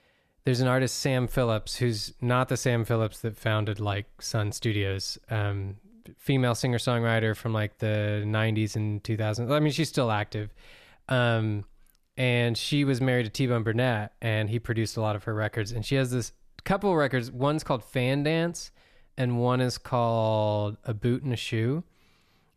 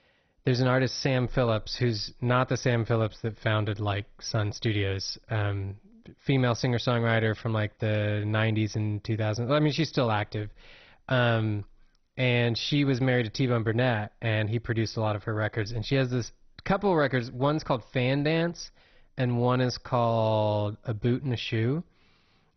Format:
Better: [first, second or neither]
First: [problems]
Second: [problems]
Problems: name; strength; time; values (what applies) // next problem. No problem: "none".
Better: first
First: none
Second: garbled, watery; badly; nothing above 6 kHz